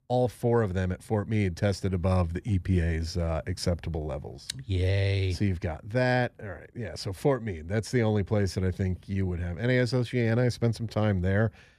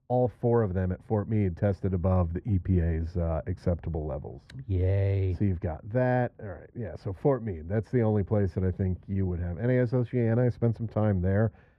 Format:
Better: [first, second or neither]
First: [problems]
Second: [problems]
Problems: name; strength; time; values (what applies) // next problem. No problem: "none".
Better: first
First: none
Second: muffled; very; fading above 2.5 kHz